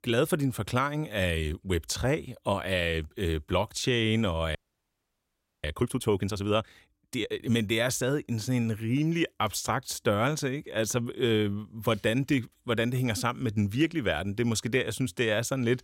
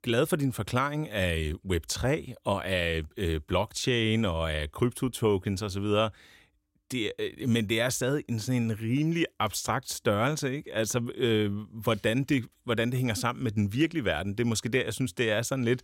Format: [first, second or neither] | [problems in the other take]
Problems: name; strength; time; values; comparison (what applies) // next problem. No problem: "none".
second | audio freezing; at 4.5 s for 1 s